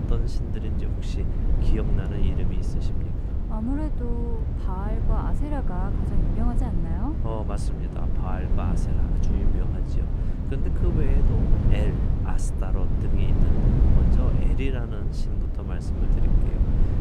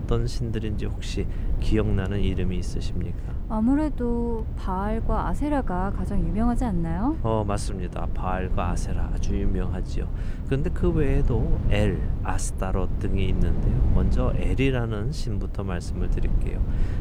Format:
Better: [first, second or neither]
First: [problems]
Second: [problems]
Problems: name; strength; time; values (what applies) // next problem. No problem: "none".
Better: second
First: wind noise on the microphone; heavy; as loud as the speech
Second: wind noise on the microphone; occasional gusts; 10 dB below the speech